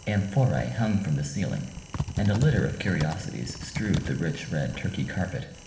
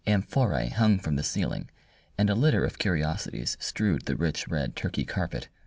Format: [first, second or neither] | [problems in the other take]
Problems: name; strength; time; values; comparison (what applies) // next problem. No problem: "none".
second | background sound (Typing); 10 dB below the speech // room echo; dies away in 1.1 s